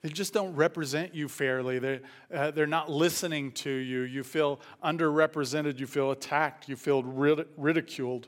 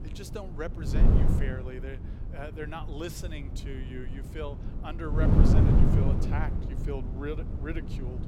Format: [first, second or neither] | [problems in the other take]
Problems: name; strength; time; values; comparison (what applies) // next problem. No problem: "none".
first | wind noise on the microphone; heavy; 3 dB above the speech